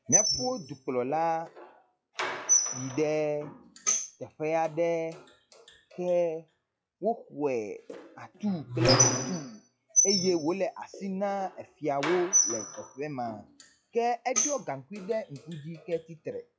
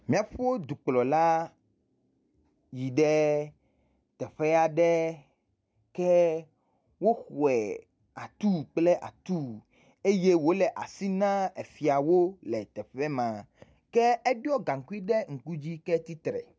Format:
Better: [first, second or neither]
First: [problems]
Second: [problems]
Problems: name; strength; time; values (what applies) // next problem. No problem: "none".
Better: second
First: noise reduction (classical method log-MMSE)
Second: none